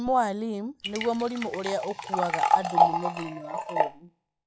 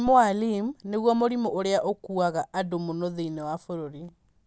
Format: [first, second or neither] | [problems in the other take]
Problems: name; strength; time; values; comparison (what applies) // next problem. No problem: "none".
second | noise reduction (classical method log-MMSE)